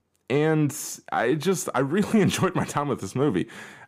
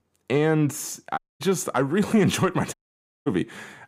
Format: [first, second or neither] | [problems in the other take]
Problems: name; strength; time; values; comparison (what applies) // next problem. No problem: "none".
first | audio cutting out; at 1 s and at 2.5 s for 0.5 s